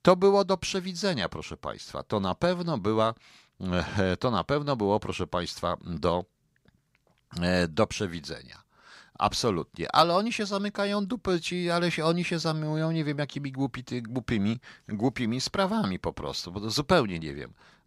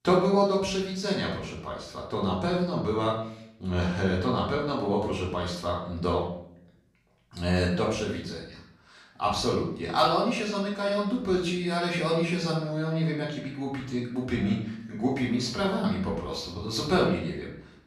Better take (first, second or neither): first